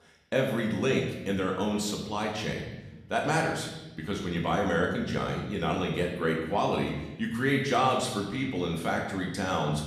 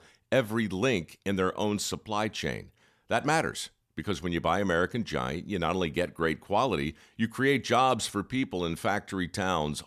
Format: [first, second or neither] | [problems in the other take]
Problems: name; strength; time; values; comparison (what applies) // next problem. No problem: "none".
second | room echo; noticeable; dies away in 1 s // off-mic speech; somewhat distant